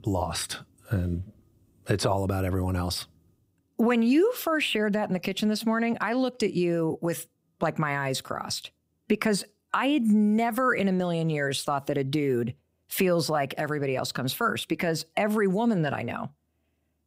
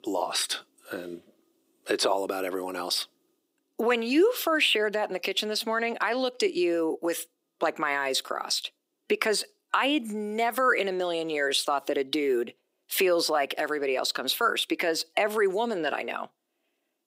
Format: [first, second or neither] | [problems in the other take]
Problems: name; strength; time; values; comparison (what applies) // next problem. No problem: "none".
first | thin; somewhat; fading below 350 Hz